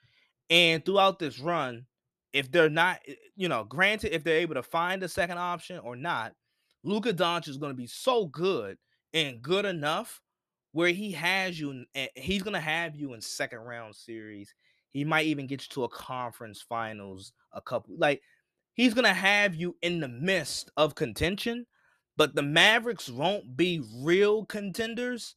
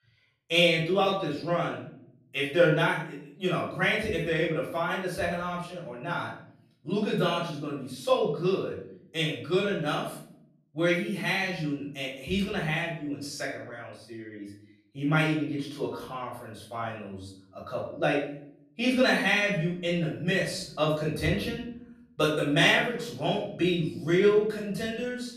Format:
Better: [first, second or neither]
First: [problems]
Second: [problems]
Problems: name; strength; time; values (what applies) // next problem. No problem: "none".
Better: first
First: none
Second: off-mic speech; far // room echo; noticeable; dies away in 0.6 s